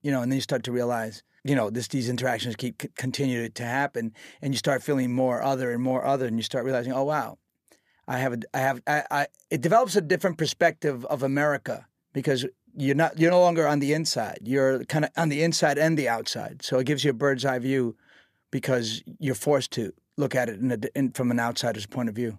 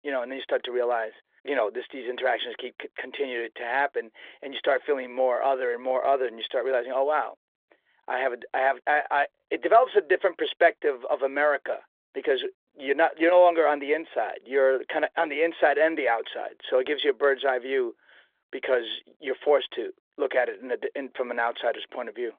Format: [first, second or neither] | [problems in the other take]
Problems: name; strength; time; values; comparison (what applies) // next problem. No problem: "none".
first | phone-call audio; nothing above 3.5 kHz